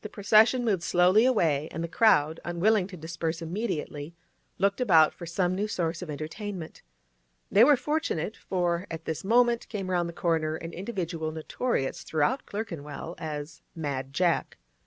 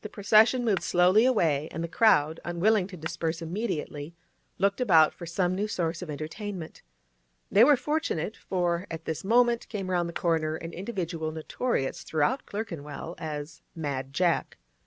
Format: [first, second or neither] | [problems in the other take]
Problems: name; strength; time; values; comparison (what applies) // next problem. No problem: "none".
first | background sound (Shatter); 17 dB below the speech